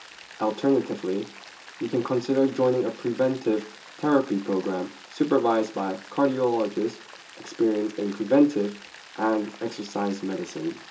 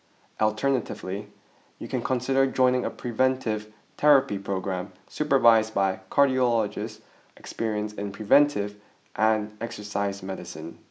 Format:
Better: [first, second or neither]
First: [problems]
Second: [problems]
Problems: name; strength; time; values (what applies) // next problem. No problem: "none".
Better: second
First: background sound (Rain); 20 dB below the speech // room echo; dies away in 0.2 s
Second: none